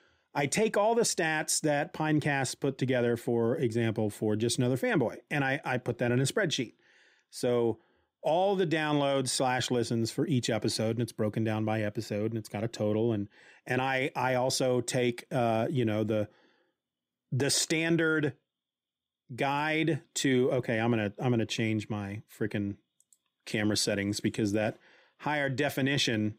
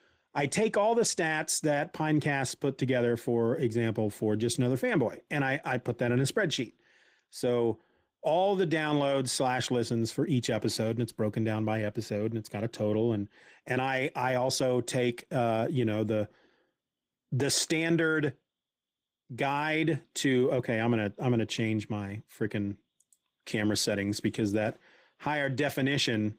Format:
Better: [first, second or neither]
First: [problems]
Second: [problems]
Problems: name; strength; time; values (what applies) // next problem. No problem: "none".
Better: first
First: none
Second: garbled, watery; slightly; nothing above 15.5 kHz